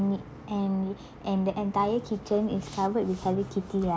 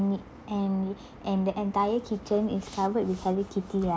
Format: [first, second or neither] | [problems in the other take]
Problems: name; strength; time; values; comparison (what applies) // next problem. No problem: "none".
second | background sound (Piano); 18 dB below the speech